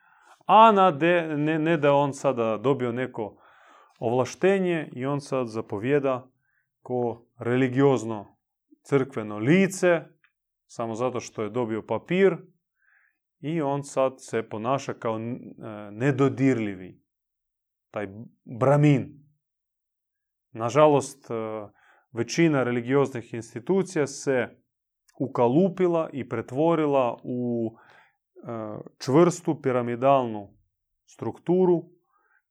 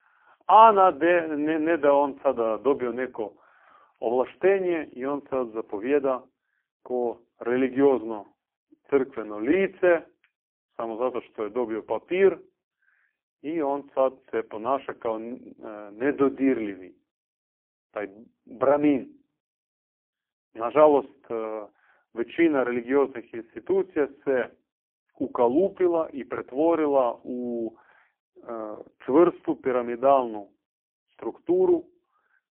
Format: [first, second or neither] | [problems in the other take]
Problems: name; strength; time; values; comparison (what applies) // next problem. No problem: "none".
first | phone-call audio; poor line; nothing above 3 kHz